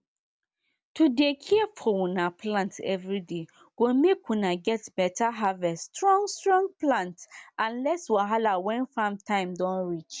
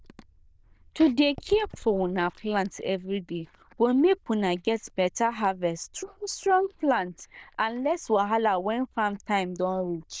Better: first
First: none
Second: noise reduction (neural diffusion model UNIVERSE++)

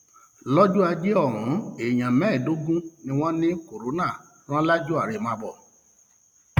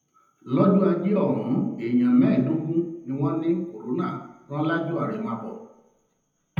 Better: first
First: none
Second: room echo; dies away in 0.8 s

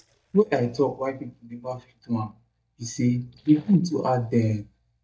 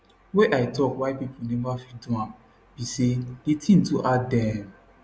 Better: second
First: noise reduction (neural mask model DeepFilterNet 3)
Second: none

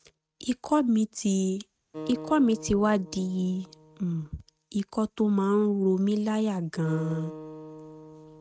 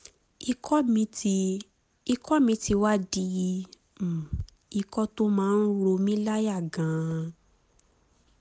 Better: second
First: noise reduction (neural mask model RNNoise)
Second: none

